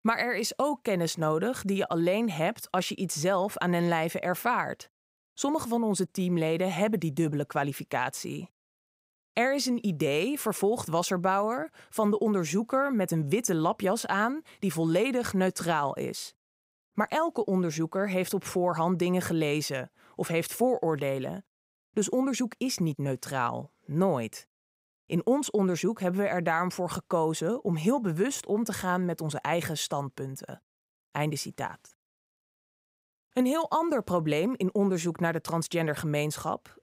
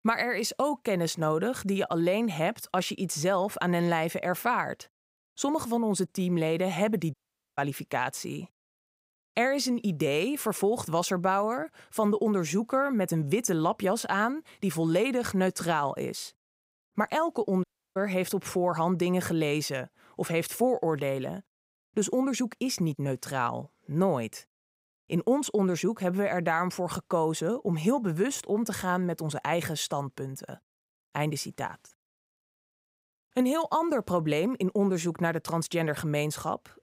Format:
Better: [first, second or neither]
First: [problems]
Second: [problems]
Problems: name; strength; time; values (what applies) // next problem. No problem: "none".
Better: first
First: none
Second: audio cutting out; at 7 s and at 18 s